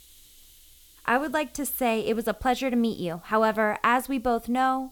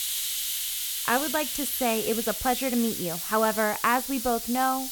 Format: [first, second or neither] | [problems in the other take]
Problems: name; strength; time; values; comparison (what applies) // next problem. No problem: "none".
first | hiss; loud; throughout; 2 dB below the speech; faint in the first